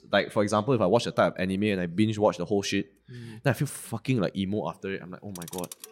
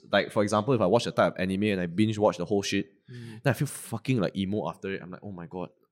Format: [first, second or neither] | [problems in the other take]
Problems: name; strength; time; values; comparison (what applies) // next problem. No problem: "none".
second | household noises; noticeable; throughout; 15 dB below the speech